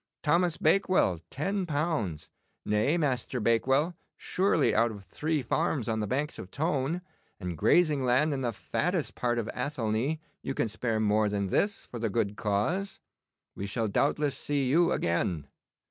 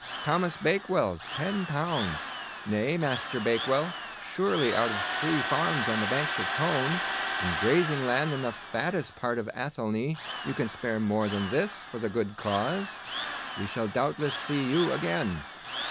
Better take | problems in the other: first | background sound (Drill); 6 dB below the speech

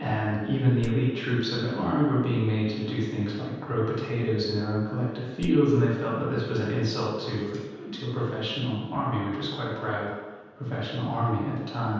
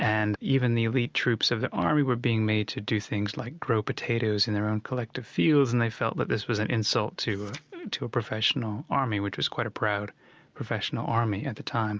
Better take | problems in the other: second | background sound (Wood); 16 dB below the speech // room echo; dies away in 1.2 s

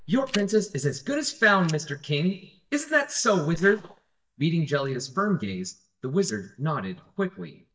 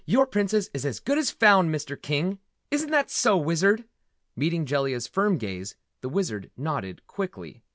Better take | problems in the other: second | noise reduction (neural mask model DeepFilterNet 3)

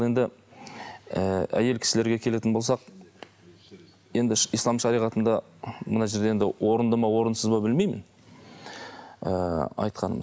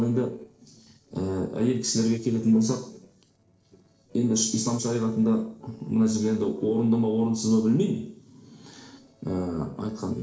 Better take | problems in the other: first | noise reduction (neural separator model SepFormer DNS4)

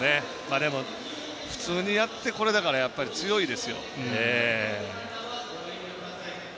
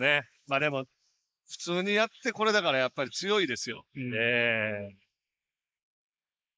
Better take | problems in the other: first | noise reduction (neural mask model Resemble Enhance denoiser)

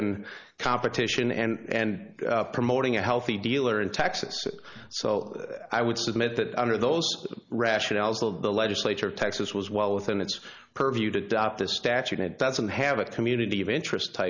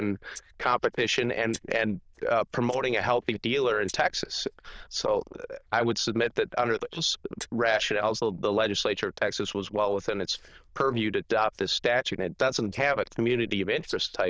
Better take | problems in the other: first | noise reduction (neural diffusion model UNIVERSE++)

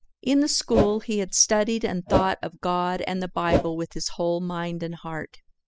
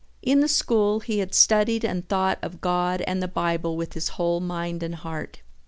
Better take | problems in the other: second | noise reduction (classical method spectral subtraction)

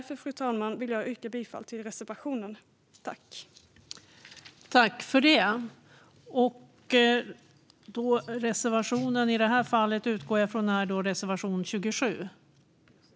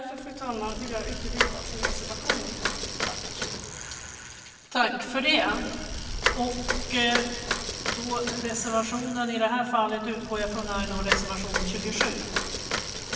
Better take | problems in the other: first | background sound (Bicycle); 2 dB below the speech // room echo; dies away in 1.3 s

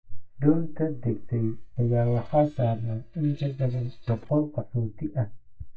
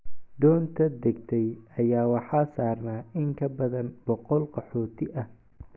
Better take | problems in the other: second | noise reduction (neural mask model DeepFilterNet 3)

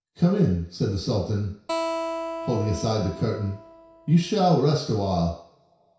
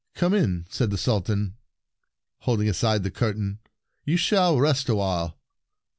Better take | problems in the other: second | background sound (Acoustic guitar); 9 dB below the speech // room echo; dies away in 0.6 s

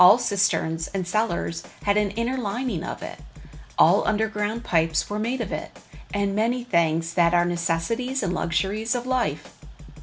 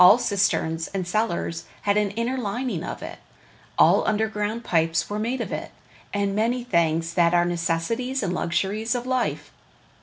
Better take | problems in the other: second | background sound (Drum kit); 18 dB below the speech

